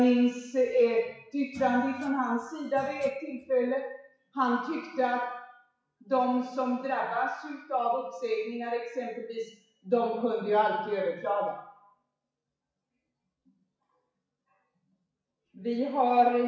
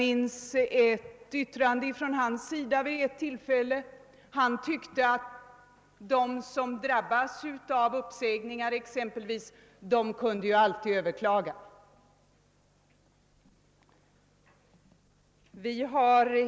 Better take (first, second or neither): second